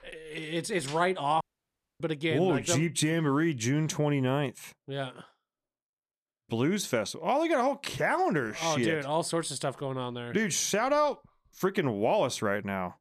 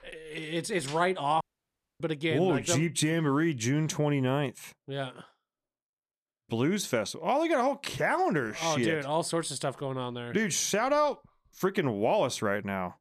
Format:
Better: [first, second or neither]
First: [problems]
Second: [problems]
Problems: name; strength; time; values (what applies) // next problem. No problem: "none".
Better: neither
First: audio cutting out; at 1.5 s for 0.5 s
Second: audio cutting out; at 1.5 s for 0.5 s